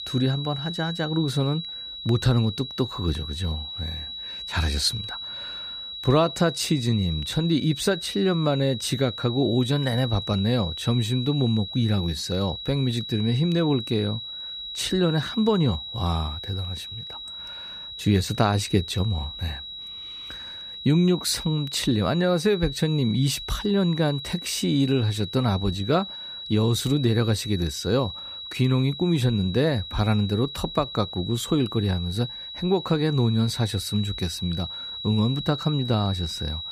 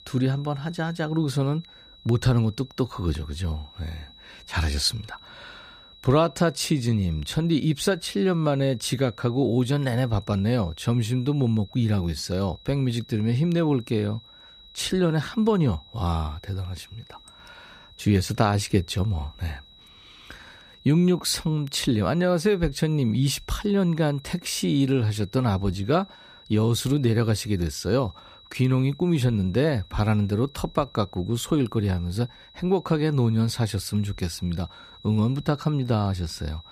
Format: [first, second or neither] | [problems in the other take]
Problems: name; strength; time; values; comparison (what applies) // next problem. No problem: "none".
second | high-pitched whine; loud; throughout; 4 kHz, 9 dB below the speech; faint in the second